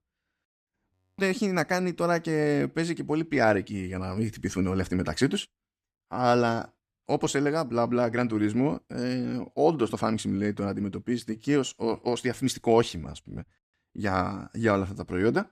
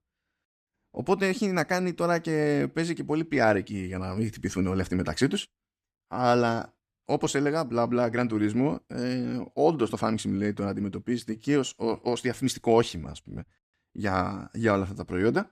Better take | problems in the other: second | audio freezing; at 1 s

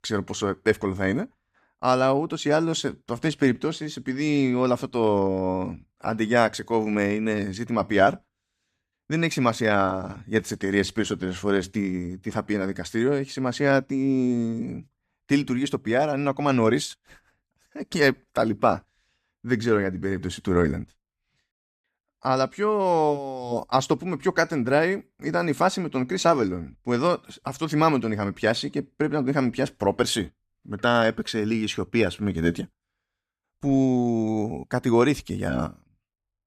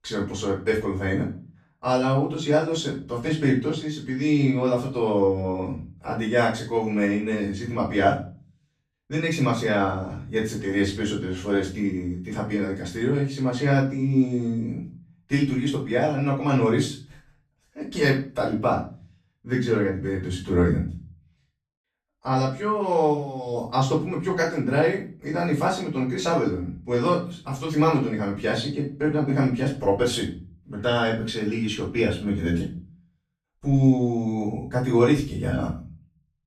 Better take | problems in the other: first | off-mic speech; far // room echo; slight; dies away in 0.4 s

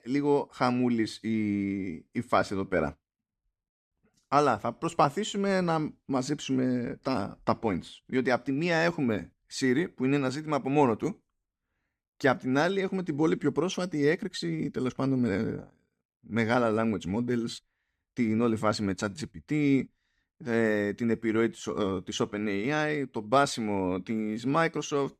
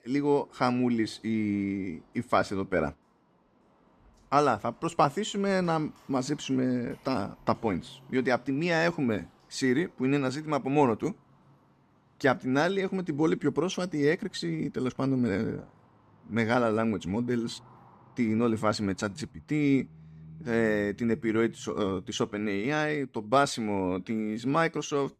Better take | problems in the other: first | animal sounds; faint; throughout; 30 dB below the speech

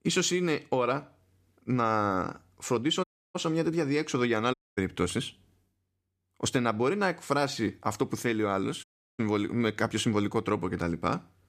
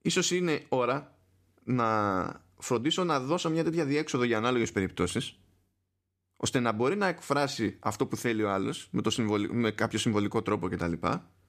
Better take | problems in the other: second | audio cutting out; at 3 s, at 4.5 s and at 9 s

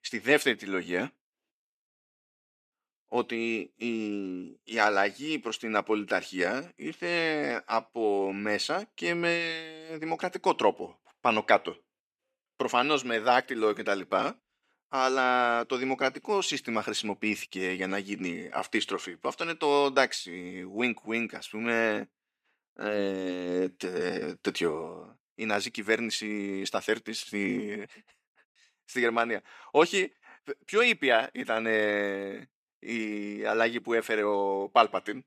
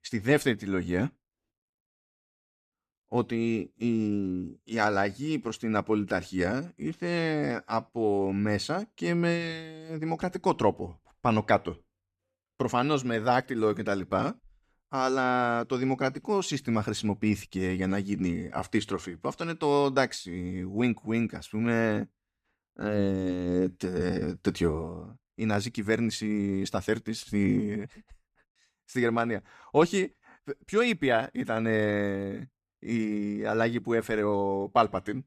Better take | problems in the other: second | thin; somewhat; fading below 350 Hz

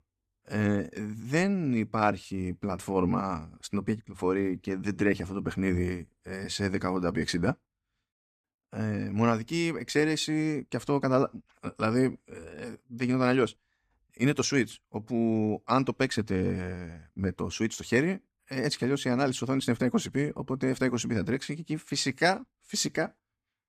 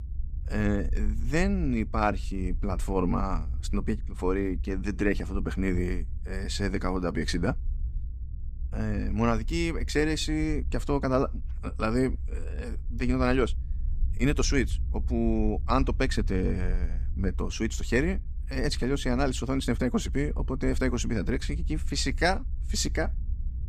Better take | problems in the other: first | low rumble; faint; throughout; 25 dB below the speech

